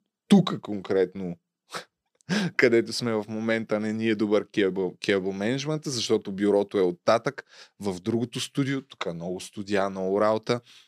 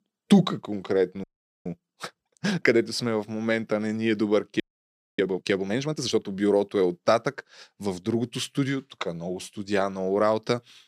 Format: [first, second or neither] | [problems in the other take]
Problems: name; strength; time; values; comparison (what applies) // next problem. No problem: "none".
first | audio freezing; at 1 s and at 4.5 s for 0.5 s